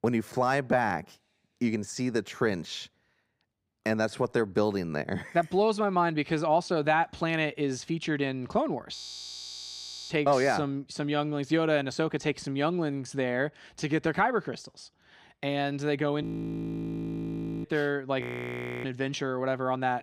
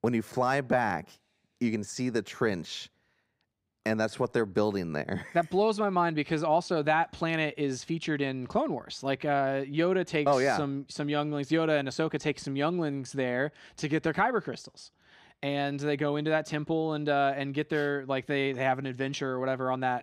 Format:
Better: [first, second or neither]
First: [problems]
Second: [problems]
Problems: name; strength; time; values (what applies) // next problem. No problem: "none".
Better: second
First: audio freezing; at 9 s for 1 s, at 16 s for 1.5 s and at 18 s for 0.5 s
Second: none